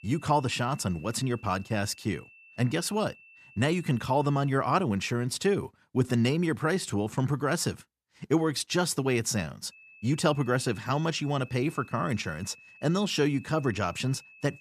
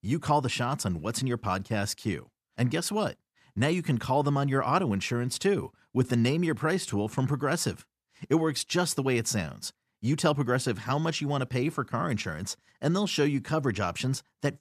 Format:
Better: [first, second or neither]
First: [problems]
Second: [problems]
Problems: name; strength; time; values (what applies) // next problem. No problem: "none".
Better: second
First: high-pitched whine; faint; until 4.5 s and from 9.5 s on; 2.5 kHz, 25 dB below the speech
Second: none